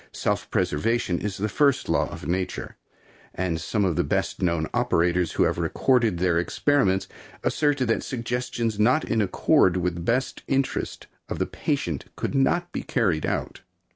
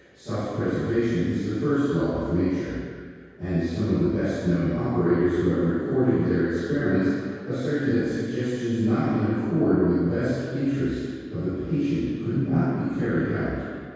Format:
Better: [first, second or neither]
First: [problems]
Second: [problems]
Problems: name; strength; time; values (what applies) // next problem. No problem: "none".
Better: first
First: none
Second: room echo; dies away in 2 s